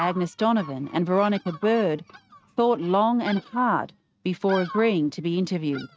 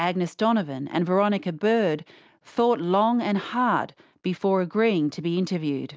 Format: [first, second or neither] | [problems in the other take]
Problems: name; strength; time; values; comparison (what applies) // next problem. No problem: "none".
second | noise reduction (neural mask model RNNoise)